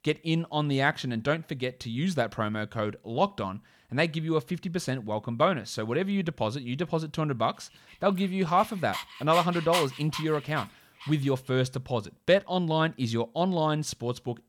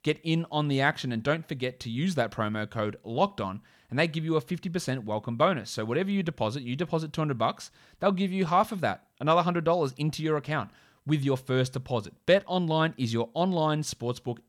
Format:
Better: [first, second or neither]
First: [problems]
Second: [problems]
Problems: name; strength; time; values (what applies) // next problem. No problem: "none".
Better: second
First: dog barking; noticeable; from 8.5 to 11 s; peak 2 dB below the speech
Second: none